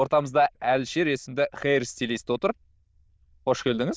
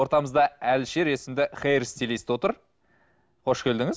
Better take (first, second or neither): second